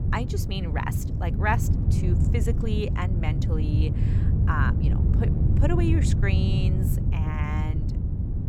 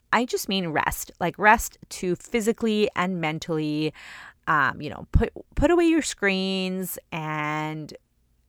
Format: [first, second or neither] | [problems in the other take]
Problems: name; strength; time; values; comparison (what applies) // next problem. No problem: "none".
second | wind noise on the microphone; heavy; 5 dB below the speech